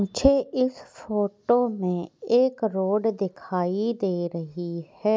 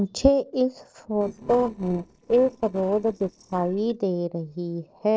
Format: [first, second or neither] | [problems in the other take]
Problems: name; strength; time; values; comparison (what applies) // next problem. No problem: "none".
first | noise reduction (neural separator model SepFormer DNS4)